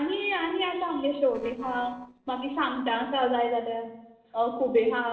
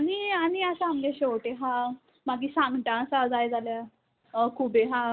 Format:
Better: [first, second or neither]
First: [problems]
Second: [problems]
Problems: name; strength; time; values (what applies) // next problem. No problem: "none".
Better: second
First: noise reduction (neural separator model SepFormer DNS4)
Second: none